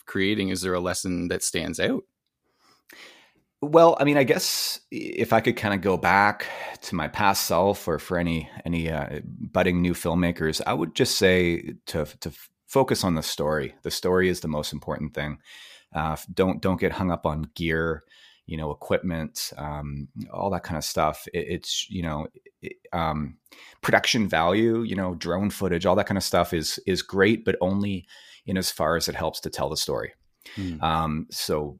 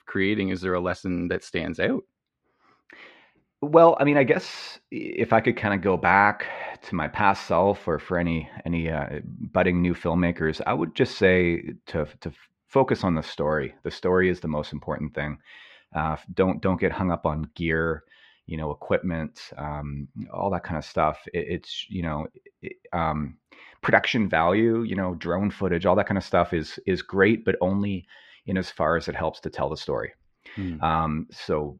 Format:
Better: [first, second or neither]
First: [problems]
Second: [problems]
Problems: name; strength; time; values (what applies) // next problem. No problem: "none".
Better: first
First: none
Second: muffled; slightly; fading above 2 kHz